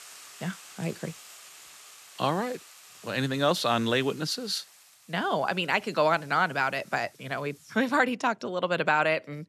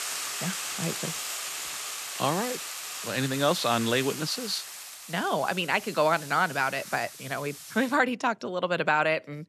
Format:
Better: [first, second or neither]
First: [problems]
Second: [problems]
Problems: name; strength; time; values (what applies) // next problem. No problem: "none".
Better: first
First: hiss; faint; until 8 s; 20 dB below the speech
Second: hiss; loud; until 8 s; 7 dB below the speech